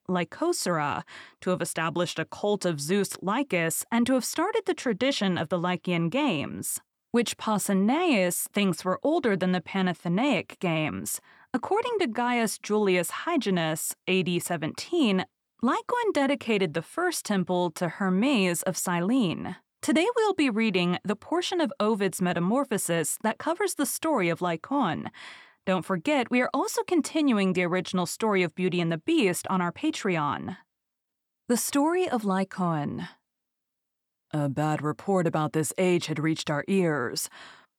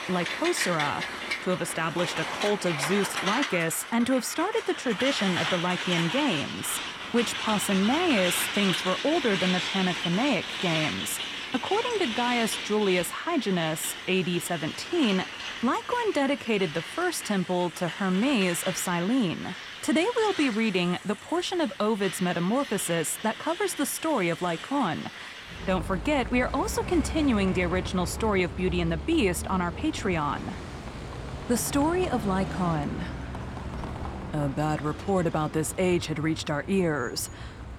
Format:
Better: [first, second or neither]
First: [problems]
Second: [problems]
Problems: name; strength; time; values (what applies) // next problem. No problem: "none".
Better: first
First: none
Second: traffic noise; loud; throughout; 6 dB below the speech